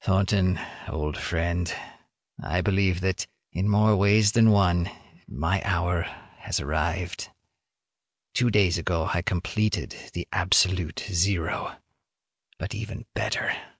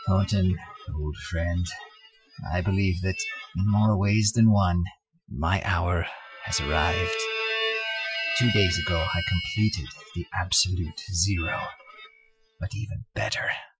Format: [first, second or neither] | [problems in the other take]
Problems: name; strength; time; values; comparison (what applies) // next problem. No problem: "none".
first | noise reduction (classical method Wiener filter)